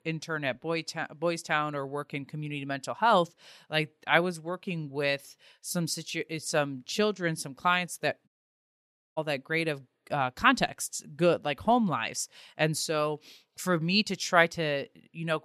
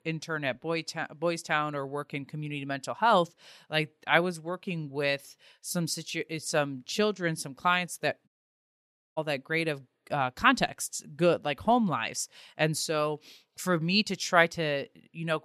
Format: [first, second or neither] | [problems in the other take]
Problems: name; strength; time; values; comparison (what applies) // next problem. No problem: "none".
neither | audio cutting out; at 8.5 s for 1 s; the same in both